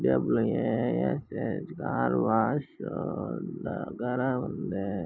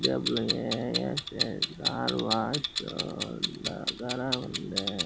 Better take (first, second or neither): first